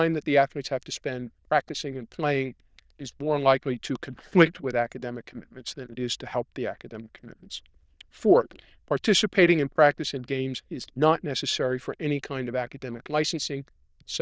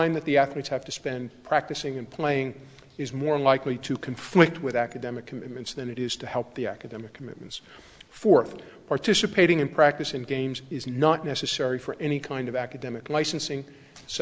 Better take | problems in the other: second | noise reduction (neural diffusion model UNIVERSE++)

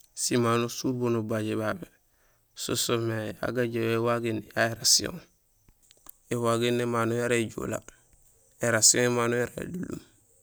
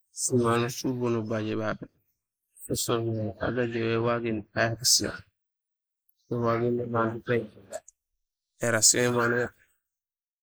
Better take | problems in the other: first | noise reduction (neural mask model Resemble Enhance denoiser)

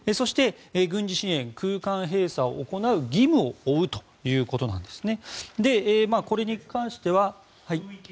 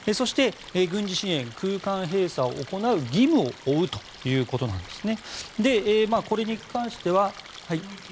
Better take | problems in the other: first | background sound (Stream); 19 dB below the speech

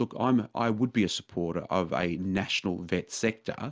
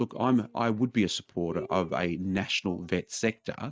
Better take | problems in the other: first | noise reduction (neural mask model DeepFilterNet 3)

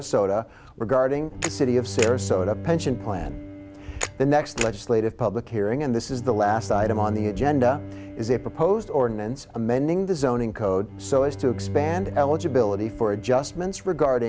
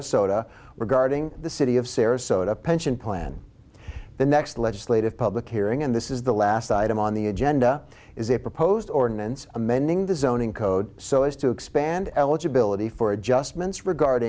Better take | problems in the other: second | background sound (Camera + Bowed string instrument); 11 dB below the speech

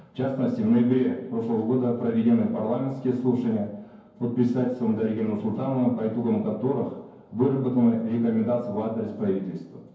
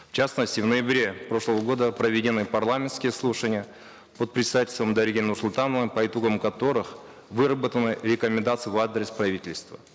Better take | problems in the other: second | room echo; dies away in 0.9 s

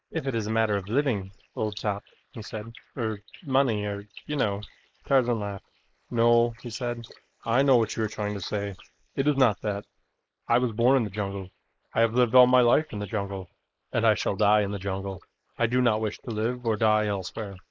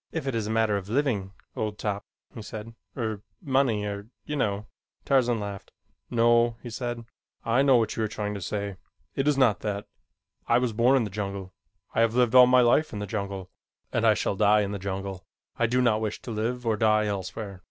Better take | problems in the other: second | noise reduction (neural mask model Resemble Enhance denoiser)

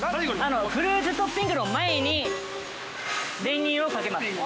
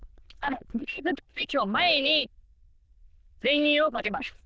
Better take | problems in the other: first | noise reduction (neural diffusion model UNIVERSE++)

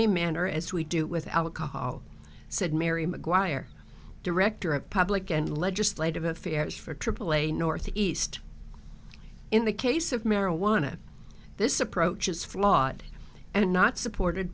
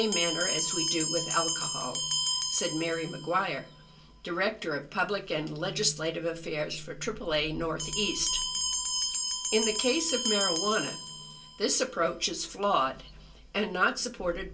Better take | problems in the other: first | background sound (Bell); 3 dB below the speech // room echo; dies away in 0.2 s

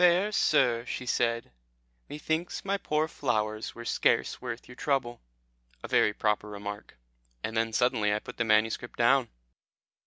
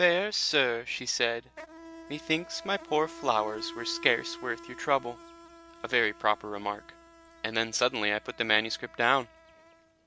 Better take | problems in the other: first | background sound (Insect); 18 dB below the speech

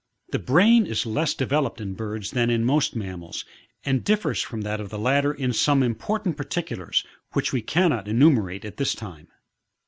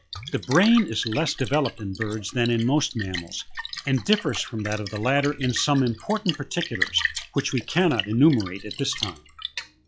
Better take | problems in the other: first | noise reduction (classical method log-MMSE)

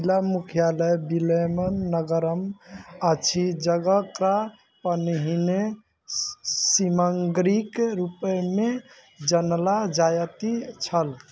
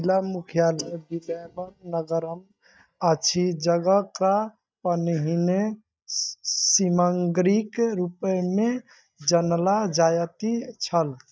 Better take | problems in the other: first | noise reduction (neural mask model DeepFilterNet 3)

